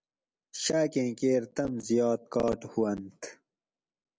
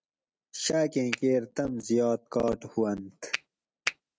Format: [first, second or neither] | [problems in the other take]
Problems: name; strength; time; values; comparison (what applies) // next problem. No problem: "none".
first | noise reduction (neural mask model RNNoise)